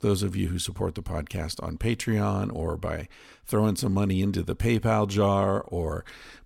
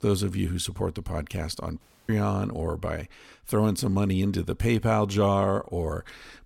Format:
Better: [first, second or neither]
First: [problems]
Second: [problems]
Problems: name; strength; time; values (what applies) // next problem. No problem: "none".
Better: first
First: none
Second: audio cutting out; at 2 s